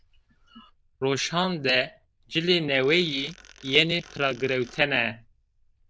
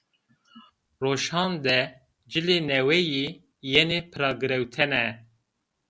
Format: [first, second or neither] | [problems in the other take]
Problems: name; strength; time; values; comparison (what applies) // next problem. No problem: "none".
second | noise reduction (neural diffusion model UNIVERSE++)